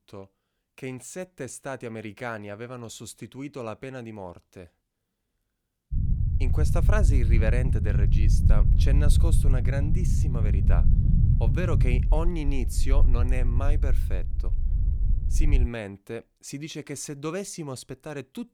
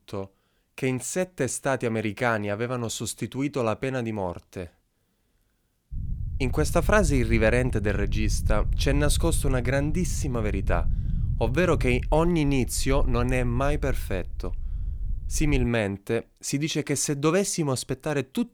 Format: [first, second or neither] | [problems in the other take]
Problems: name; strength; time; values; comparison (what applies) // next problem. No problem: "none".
second | low rumble; loud; from 6 to 16 s; 5 dB below the speech; faint in the second